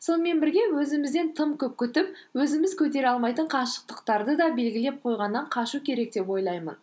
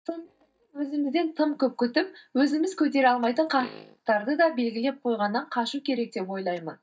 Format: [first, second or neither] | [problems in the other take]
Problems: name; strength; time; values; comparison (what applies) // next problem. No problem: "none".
first | noise reduction (neural mask model DeepFilterNet 3)